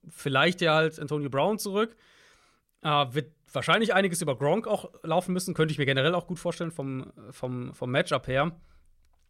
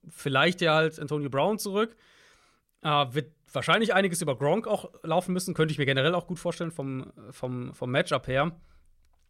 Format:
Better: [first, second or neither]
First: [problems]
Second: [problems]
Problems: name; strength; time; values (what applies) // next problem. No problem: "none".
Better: neither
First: none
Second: none